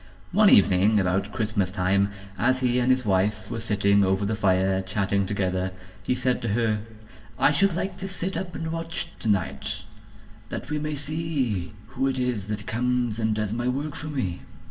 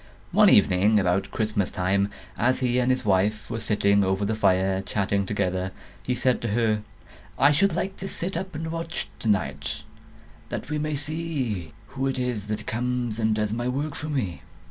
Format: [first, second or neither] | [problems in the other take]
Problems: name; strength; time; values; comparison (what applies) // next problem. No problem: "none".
second | room echo; dies away in 1.6 s